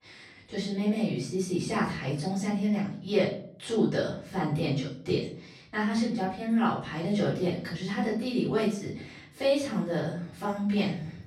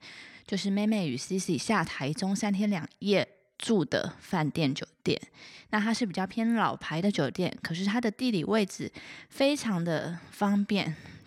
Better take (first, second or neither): second